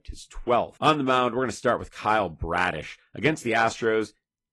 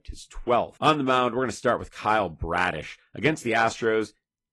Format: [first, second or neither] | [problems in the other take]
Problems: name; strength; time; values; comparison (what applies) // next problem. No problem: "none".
neither | garbled, watery; slightly; nothing above 11.5 kHz; the same in both